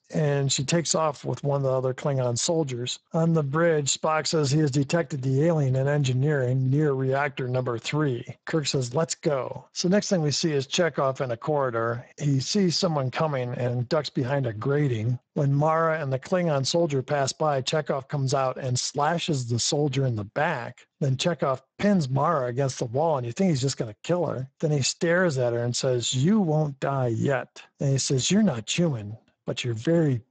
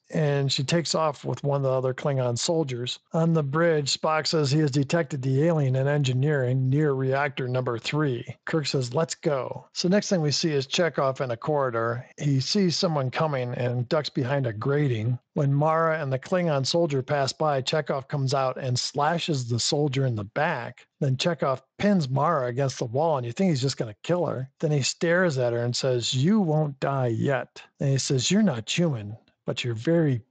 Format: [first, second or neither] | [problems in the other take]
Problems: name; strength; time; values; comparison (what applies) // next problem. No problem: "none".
second | garbled, watery; badly; nothing above 7.5 kHz; slightly in the second